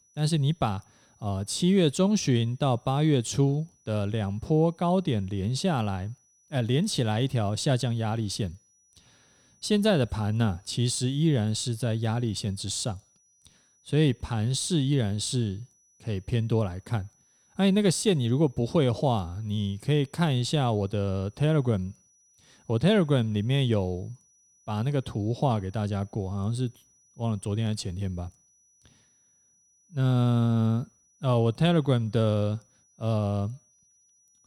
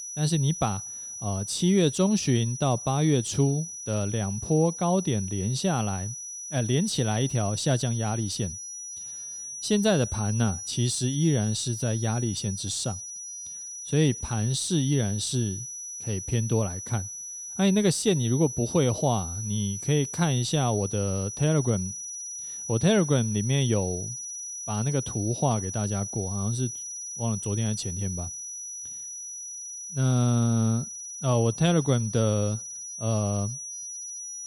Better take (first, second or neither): first